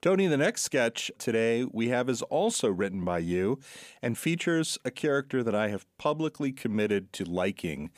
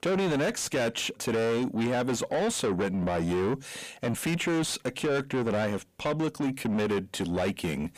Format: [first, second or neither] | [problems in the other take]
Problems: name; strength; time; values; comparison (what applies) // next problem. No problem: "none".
first | distortion; heavy; 7 dB below the speech